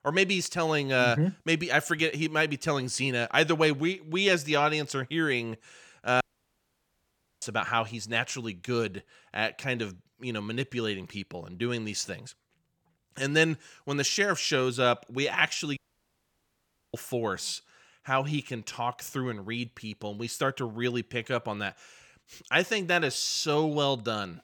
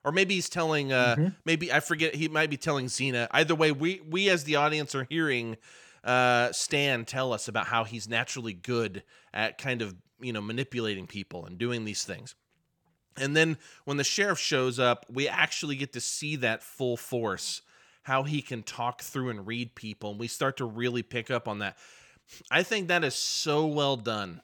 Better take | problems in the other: second | audio cutting out; at 6 s for 1 s and at 16 s for 1 s

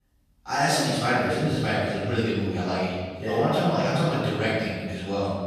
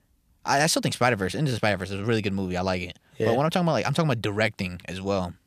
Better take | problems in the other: second | room echo; strong; dies away in 1.3 s // off-mic speech; far

